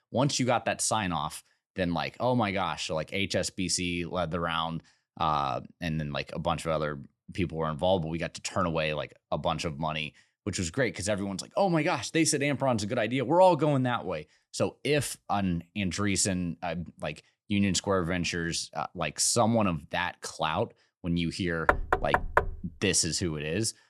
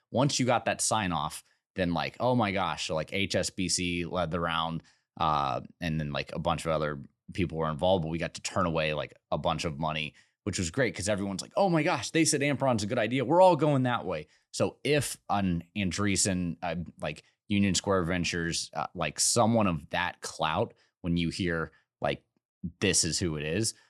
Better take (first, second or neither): second